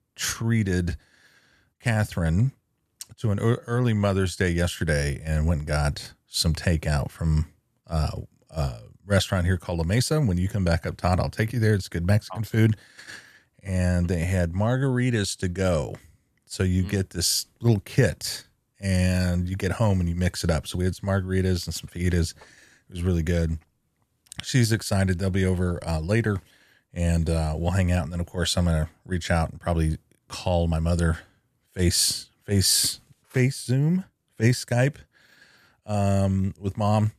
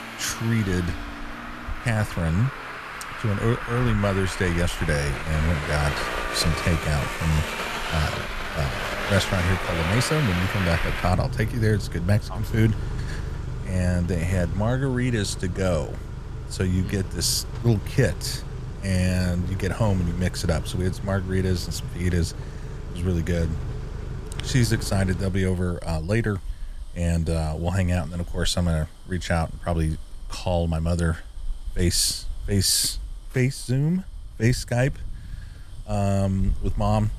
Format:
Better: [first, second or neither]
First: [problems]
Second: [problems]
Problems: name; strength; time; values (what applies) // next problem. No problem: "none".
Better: first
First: none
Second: traffic noise; loud; throughout; 7 dB below the speech